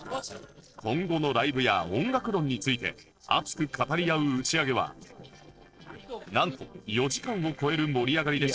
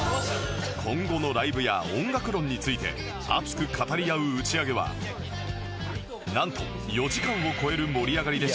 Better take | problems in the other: second | noise reduction (neural separator model SepFormer DNS4)

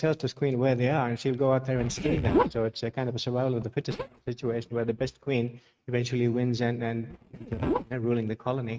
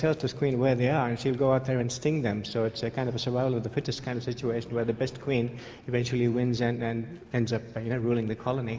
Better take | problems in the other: second | noise reduction (neural mask model RNNoise)

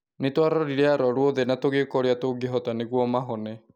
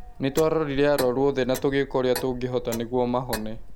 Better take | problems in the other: first | background sound (Clock); 12 dB below the speech

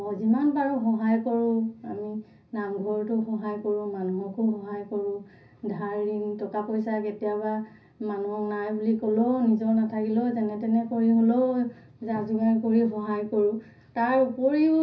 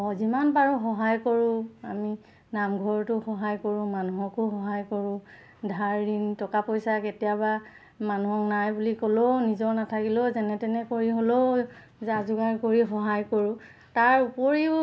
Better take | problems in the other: second | room echo; dies away in 0.4 s

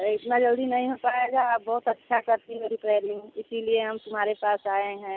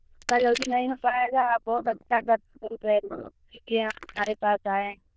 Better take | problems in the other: first | noise reduction (neural diffusion model UNIVERSE++)

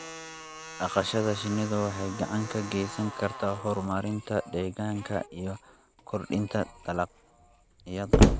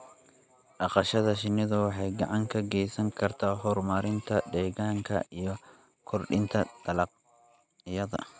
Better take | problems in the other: second | background sound (Slam); 1 dB below the speech

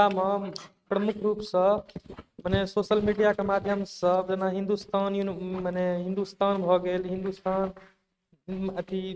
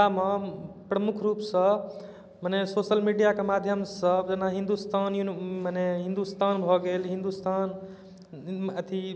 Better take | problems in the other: second | noise reduction (neural mask model RNNoise)

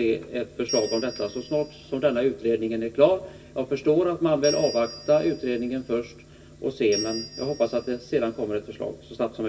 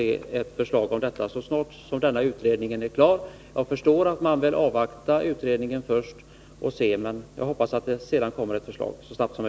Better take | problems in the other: second | background sound (Bell); 14 dB below the speech // room echo; dies away in 0.1 s

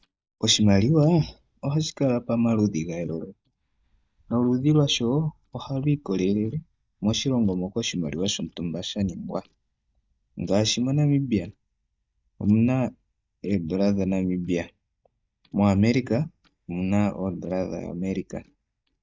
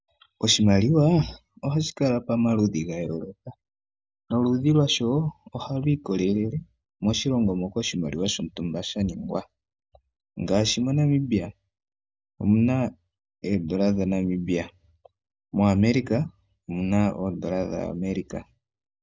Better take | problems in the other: second | noise reduction (neural mask model DeepFilterNet 3)

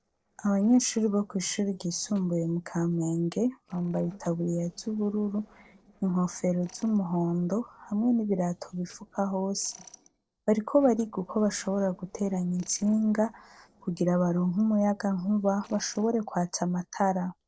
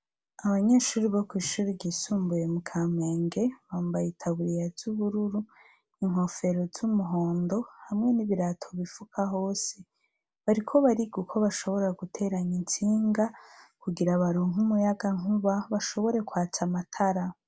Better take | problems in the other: second | noise reduction (neural separator model SepFormer DNS4)

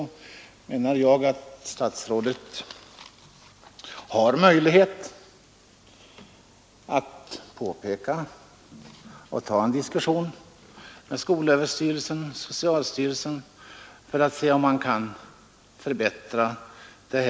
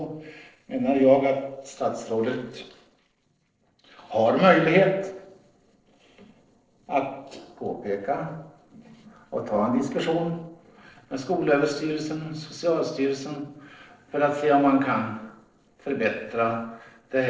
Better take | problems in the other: first | noise reduction (neural separator model SepFormer DNS4)

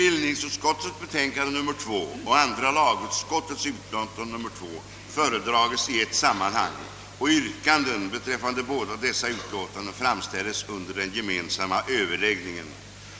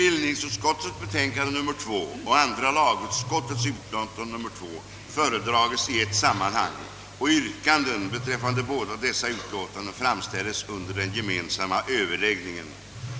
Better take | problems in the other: first | background sound (Growling); 13 dB below the speech

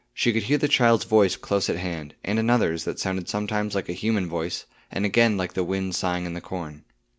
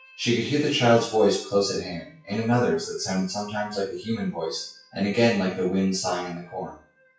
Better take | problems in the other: first | noise reduction (classical method WPE with log-MMSE)

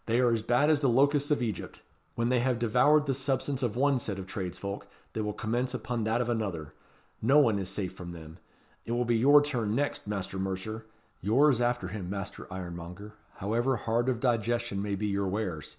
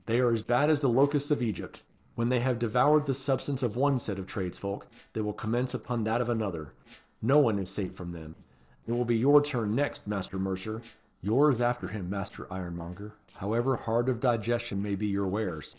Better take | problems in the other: first | noise reduction (neural separator model SepFormer DNS4)

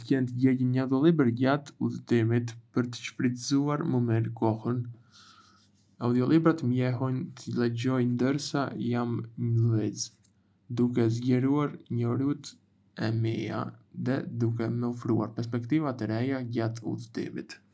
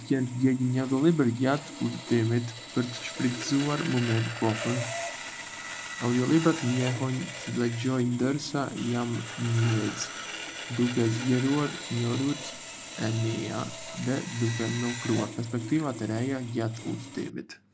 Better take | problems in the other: first | background sound (Sawing); 10 dB below the speech

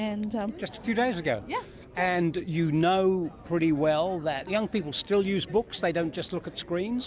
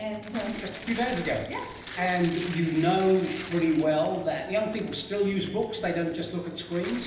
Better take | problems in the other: first | background sound (Tearing); 16 dB below the speech // room echo; dies away in 0.9 s

